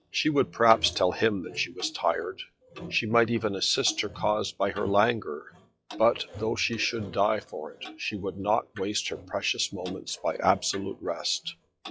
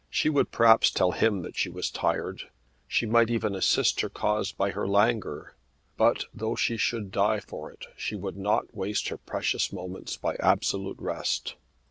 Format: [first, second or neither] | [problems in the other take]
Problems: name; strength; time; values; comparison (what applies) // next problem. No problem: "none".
second | noise reduction (classical method log-MMSE)